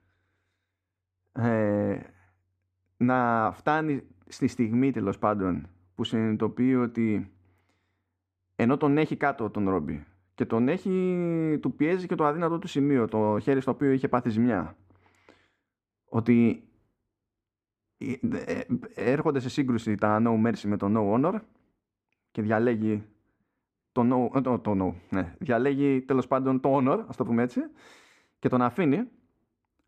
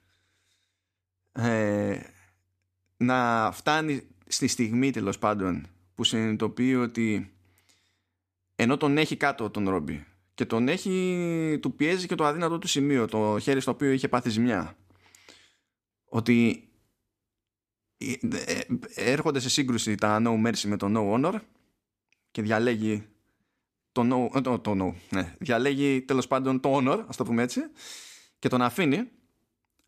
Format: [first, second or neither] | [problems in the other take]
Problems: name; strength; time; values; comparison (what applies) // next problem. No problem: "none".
second | muffled; very; fading above 2.5 kHz